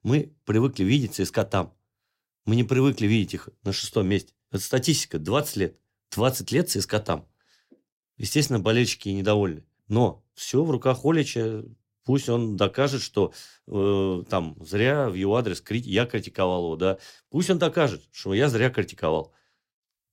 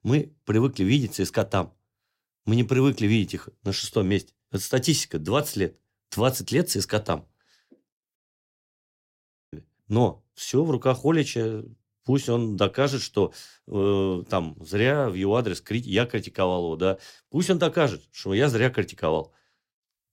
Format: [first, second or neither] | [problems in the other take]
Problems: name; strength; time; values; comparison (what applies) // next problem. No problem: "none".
first | audio cutting out; at 8 s for 1.5 s